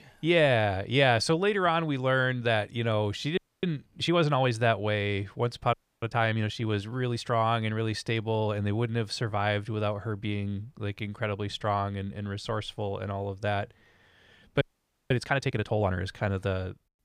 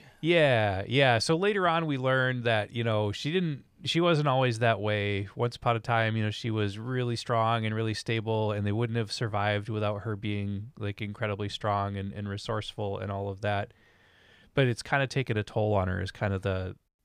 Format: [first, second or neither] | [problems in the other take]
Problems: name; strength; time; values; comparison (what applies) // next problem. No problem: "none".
second | audio freezing; at 3.5 s, at 5.5 s and at 15 s